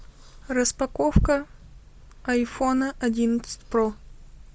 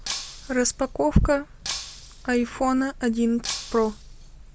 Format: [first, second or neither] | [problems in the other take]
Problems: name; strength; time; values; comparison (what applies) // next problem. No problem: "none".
first | background sound (Shatter); 12 dB below the speech